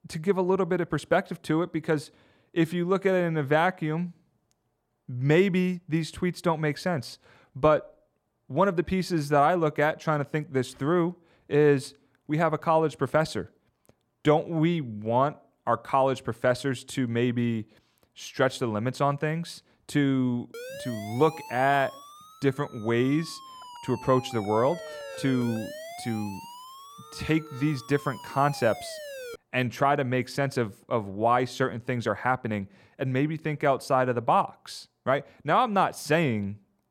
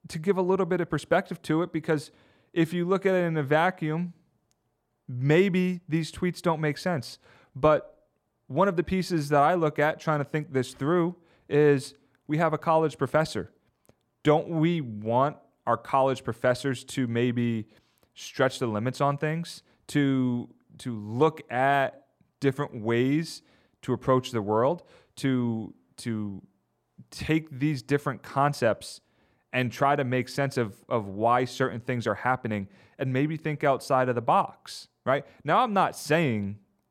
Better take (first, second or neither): second